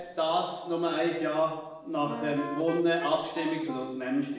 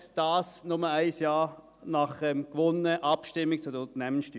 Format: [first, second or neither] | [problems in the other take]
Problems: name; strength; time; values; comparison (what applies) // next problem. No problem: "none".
second | background sound (Wind instrument, woodwind instrument); 10 dB below the speech // room echo; dies away in 0.8 s